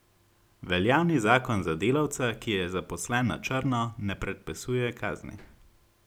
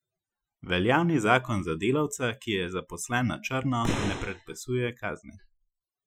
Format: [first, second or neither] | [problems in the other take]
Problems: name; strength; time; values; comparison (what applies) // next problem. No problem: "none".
first | noise reduction (classical method Wiener filter)